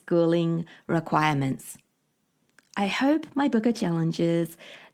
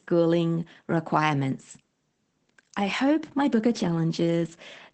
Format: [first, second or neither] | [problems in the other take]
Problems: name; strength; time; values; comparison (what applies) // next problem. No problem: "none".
first | garbled, watery; badly; nothing above 8 kHz; slightly in the first